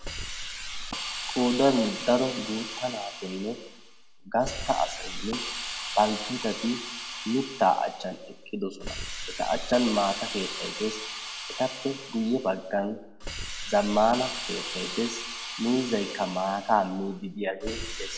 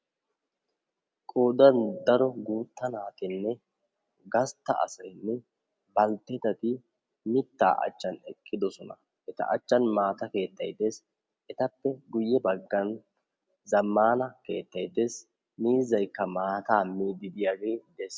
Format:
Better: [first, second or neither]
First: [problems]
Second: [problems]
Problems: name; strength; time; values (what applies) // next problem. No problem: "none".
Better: second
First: background sound (Hiss); 7 dB below the speech // room echo; dies away in 0.9 s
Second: none